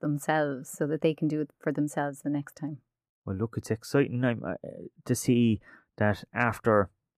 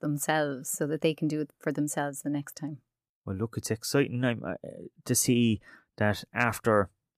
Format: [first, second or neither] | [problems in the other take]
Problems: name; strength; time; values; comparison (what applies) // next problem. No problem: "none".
second | muffled; slightly; fading above 2.5 kHz